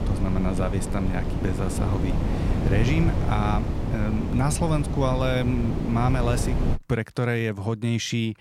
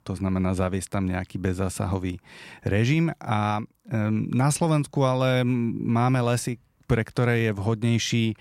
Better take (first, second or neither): second